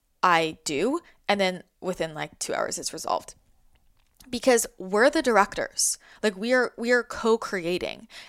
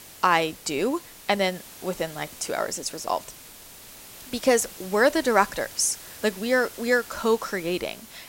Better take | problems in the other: first | hiss; noticeable; throughout; 15 dB below the speech

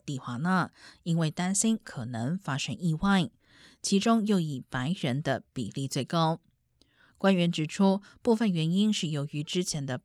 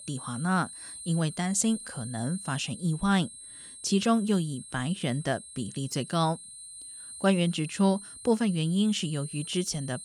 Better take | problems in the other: first | high-pitched whine; noticeable; throughout; 8.5 kHz, 15 dB below the speech

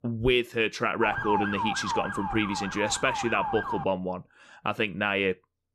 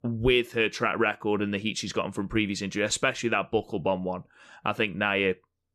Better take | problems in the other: second | siren; noticeable; from 1 to 4 s; peak level with the speech

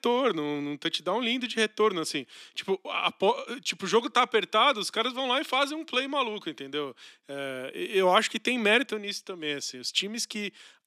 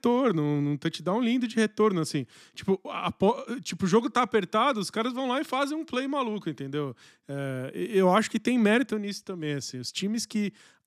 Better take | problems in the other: second | thin; somewhat; fading below 350 Hz

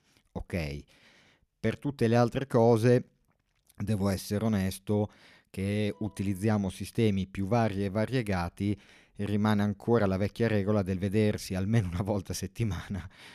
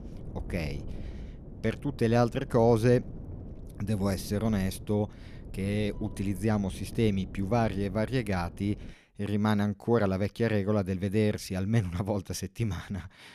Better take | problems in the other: first | wind noise on the microphone; occasional gusts; until 9 s; 20 dB below the speech

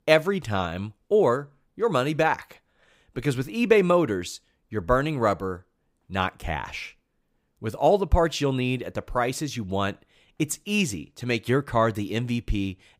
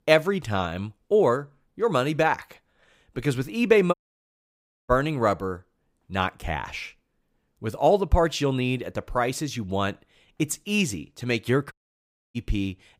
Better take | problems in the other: first | audio cutting out; at 4 s for 1 s and at 12 s for 0.5 s

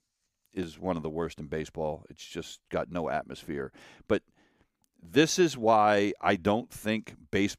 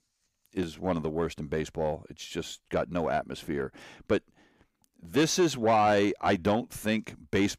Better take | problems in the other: first | distortion; slight; 10 dB below the speech

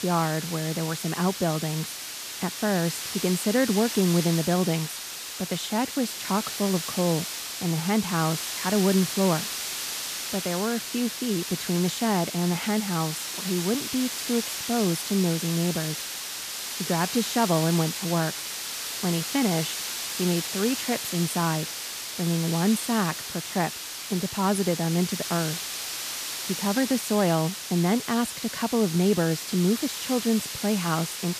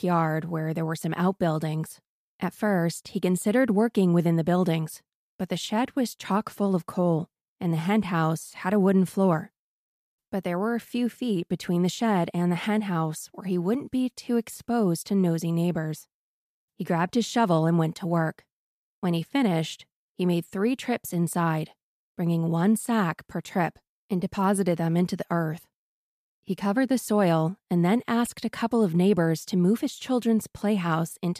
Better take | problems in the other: second | hiss; loud; throughout; 4 dB below the speech

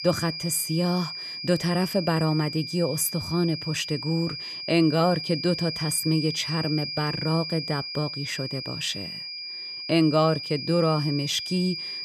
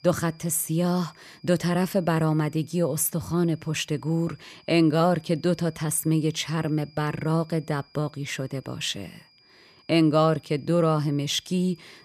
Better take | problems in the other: second | high-pitched whine; loud; throughout; 5 kHz, 6 dB below the speech; faint in the second

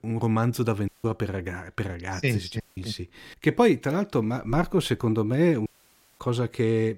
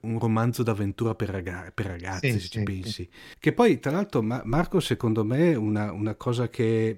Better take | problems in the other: second | audio cutting out; at 1 s, at 2.5 s and at 5.5 s for 0.5 s

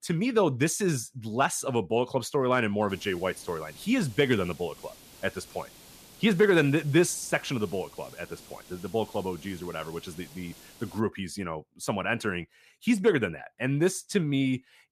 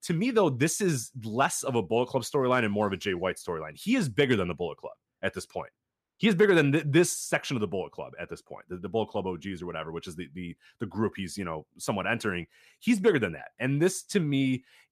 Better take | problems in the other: second | hiss; faint; from 3 to 11 s; 20 dB below the speech

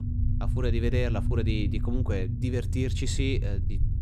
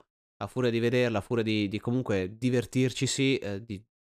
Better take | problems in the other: second | low rumble; loud; throughout; 8 dB below the speech

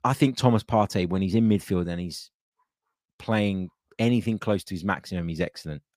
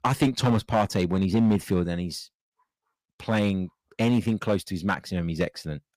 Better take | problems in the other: first | distortion; slight; 3% of the sound clipped

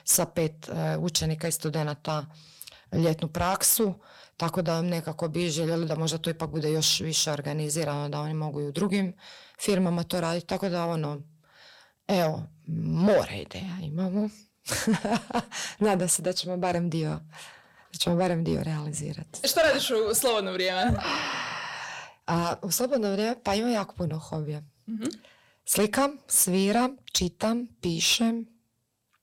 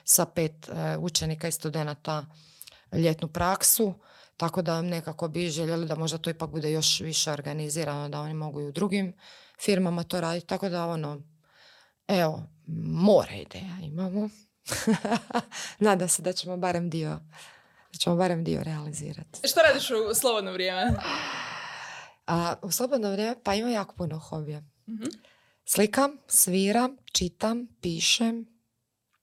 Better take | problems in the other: second | distortion; slight; 10 dB below the speech

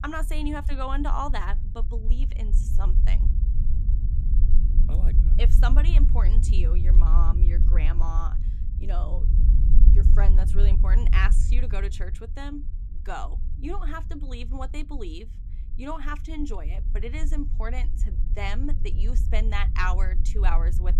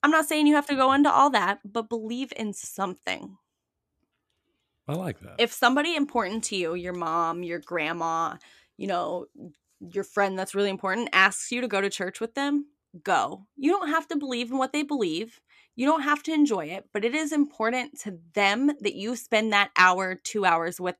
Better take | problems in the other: second | low rumble; noticeable; throughout; 10 dB below the speech

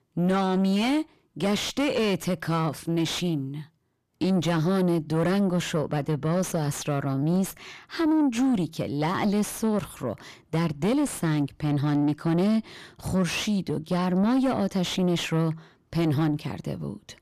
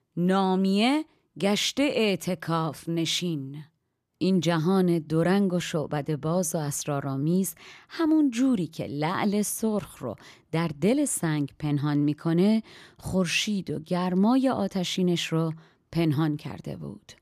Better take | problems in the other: second | distortion; slight; 9 dB below the speech

